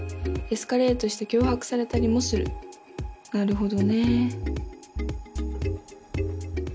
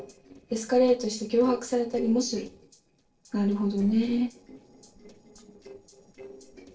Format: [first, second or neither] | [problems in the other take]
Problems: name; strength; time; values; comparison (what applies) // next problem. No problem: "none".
first | noise reduction (neural separator model SepFormer DNS4)